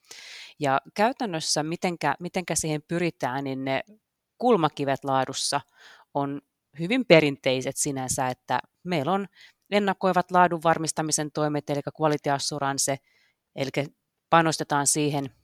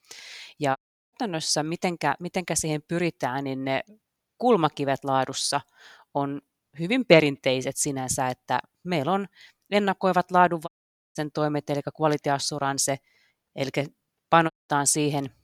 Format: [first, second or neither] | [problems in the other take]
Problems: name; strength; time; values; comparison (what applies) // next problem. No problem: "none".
first | audio cutting out; at 1 s, at 11 s and at 15 s